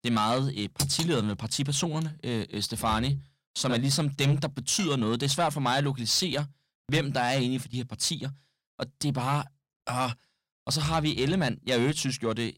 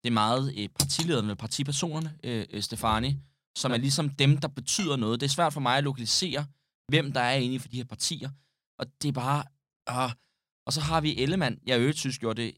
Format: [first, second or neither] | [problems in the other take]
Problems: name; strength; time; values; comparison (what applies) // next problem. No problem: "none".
second | distortion; slight; 10 dB below the speech